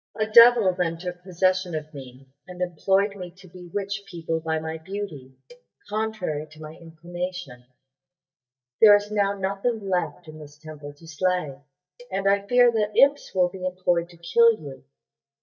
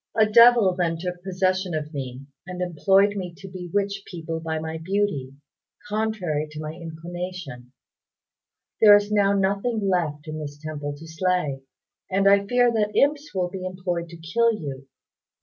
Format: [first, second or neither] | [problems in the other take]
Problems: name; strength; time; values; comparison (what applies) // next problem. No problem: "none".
second | noise reduction (neural mask model DeepFilterNet 3)